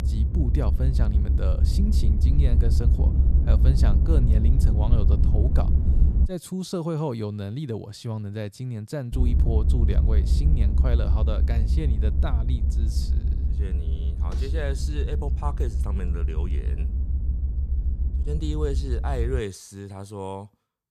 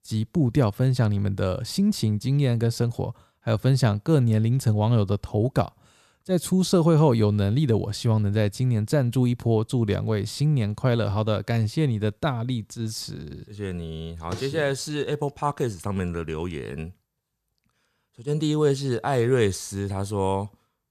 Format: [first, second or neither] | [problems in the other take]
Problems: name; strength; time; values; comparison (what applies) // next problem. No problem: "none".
second | low rumble; loud; until 6.5 s and from 9 to 19 s; 5 dB below the speech